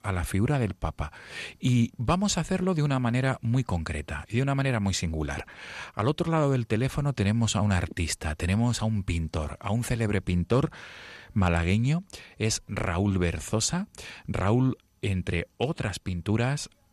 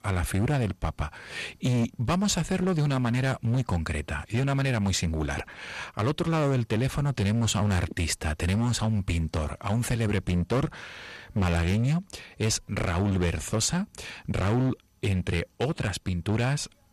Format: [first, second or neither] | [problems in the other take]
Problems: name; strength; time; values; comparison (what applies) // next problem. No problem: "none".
first | distortion; slight; 12% of the sound clipped